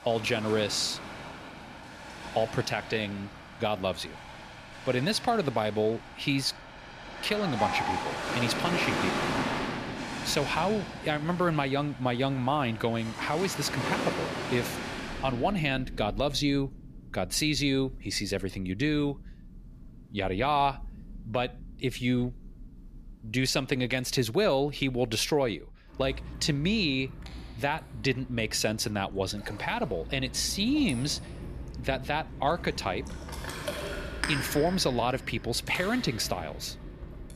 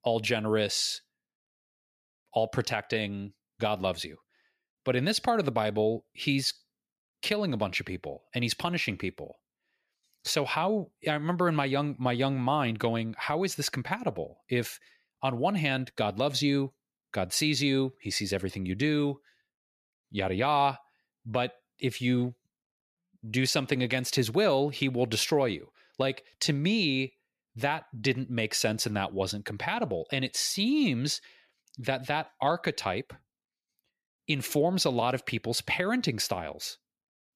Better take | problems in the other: second | rain or running water; loud; throughout; 8 dB below the speech

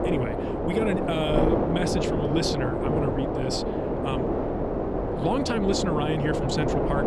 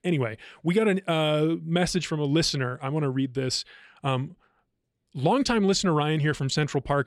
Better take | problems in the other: second | wind noise on the microphone; heavy; 2 dB above the speech

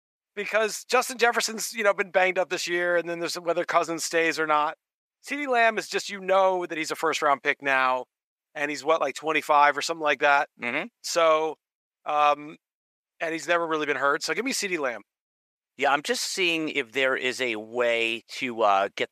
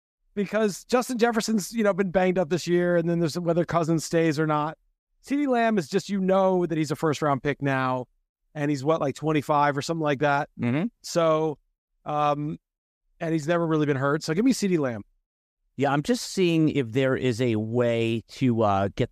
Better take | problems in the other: second | thin; very; fading below 600 Hz

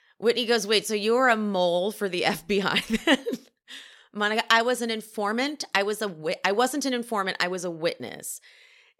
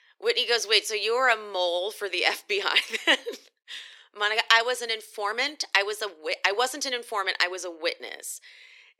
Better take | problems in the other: first | thin; very; fading below 350 Hz

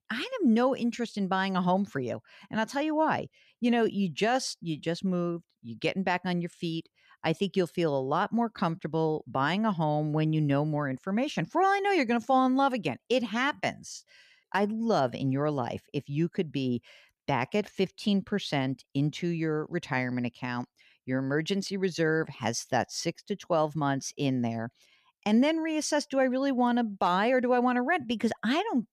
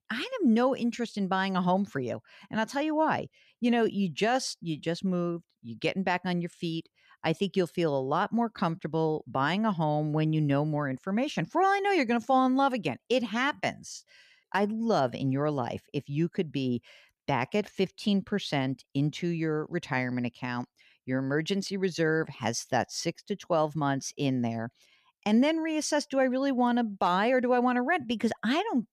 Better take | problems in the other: neither | none

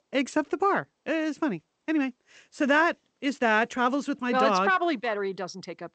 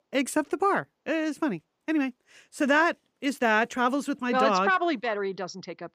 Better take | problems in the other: second | garbled, watery; slightly; nothing above 8 kHz

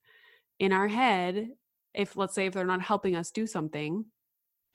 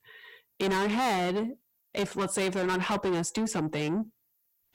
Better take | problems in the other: first | distortion; heavy; 6 dB below the speech

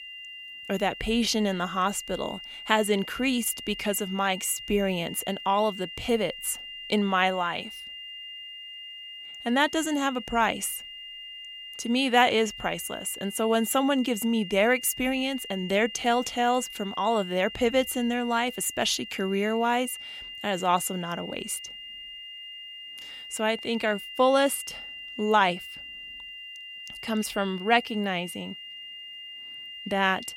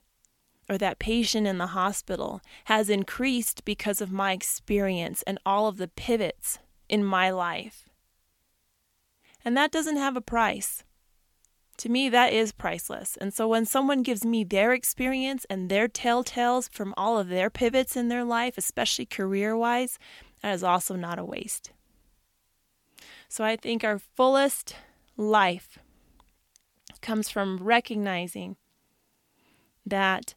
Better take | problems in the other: second | high-pitched whine; noticeable; throughout; 3 kHz, 10 dB below the speech

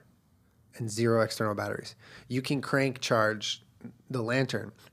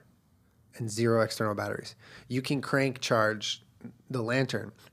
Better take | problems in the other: neither | none

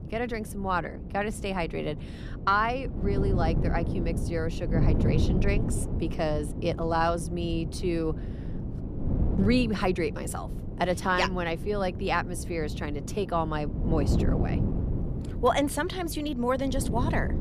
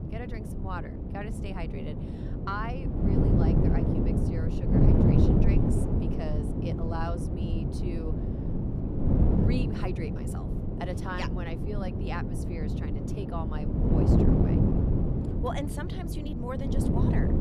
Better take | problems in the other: first | wind noise on the microphone; heavy; 3 dB above the speech; occasional gusts in the first

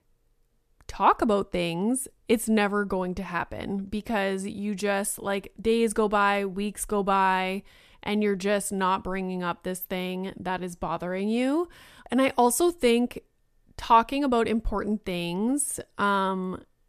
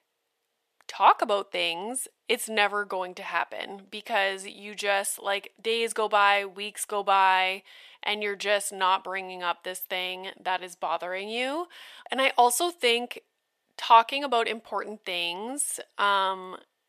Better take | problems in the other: first | thin; very; fading below 500 Hz

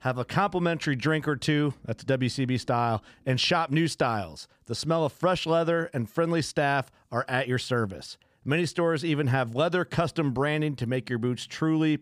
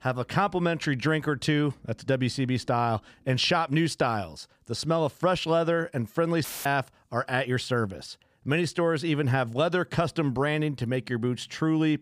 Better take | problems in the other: first | audio cutting out; filled with static; at 6.5 s

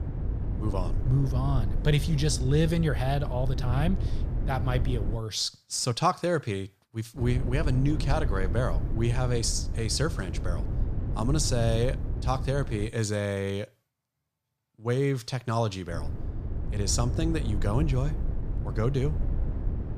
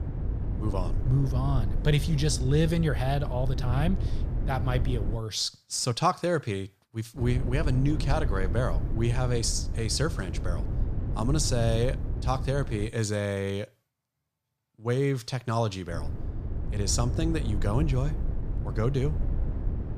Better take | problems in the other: neither | wind noise on the microphone; occasional gusts; until 5 s, from 7 to 13 s and from 16 s on; 10 dB below the speech; the same in both

